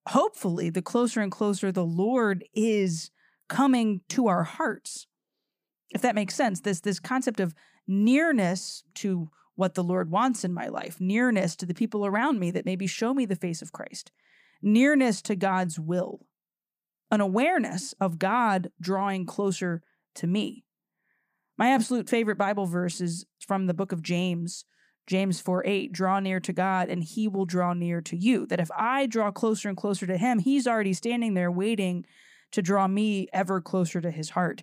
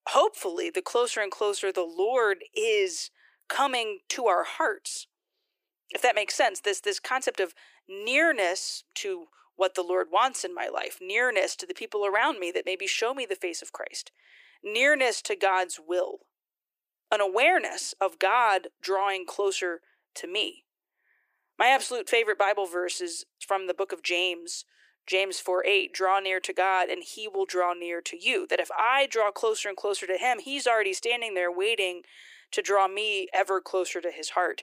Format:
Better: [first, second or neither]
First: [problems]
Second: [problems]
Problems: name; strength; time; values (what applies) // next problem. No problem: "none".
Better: first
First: none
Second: thin; very; fading below 350 Hz